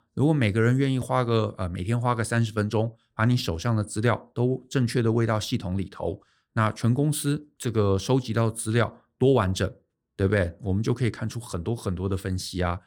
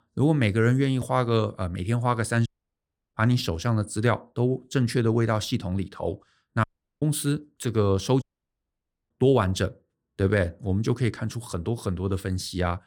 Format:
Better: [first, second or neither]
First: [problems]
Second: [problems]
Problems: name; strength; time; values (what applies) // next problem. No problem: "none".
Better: first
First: none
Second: audio cutting out; at 2.5 s for 0.5 s, at 6.5 s and at 8 s for 1 s